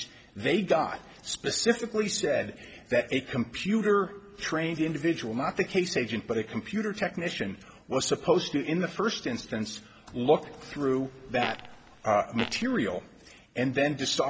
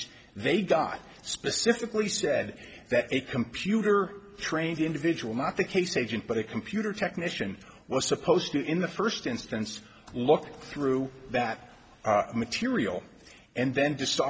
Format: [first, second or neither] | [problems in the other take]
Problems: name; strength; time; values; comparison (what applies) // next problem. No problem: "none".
second | background sound (Fart); 10 dB below the speech